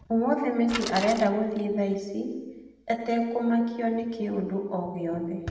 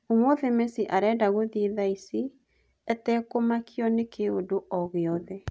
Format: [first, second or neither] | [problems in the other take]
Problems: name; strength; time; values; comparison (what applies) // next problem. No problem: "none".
second | background sound (Bicycle); 11 dB below the speech // room echo; dies away in 1.2 s